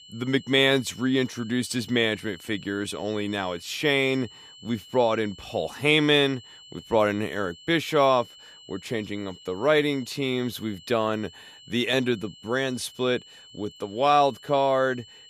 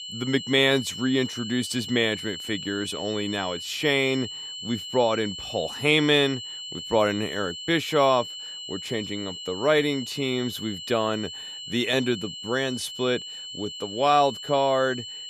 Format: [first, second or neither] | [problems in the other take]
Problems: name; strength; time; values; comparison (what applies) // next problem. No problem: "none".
first | high-pitched whine; loud; throughout; 3 kHz, 9 dB below the speech; faint in the first